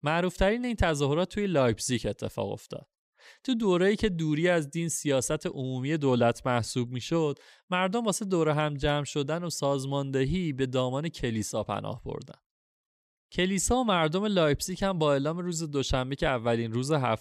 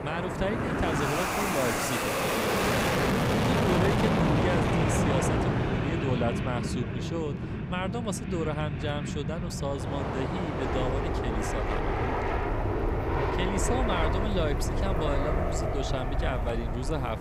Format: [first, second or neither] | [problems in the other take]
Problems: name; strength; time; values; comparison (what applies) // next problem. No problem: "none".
first | train or aircraft noise; very loud; throughout; 5 dB above the speech